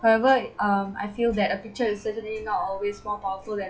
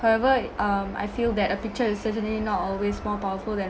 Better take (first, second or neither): second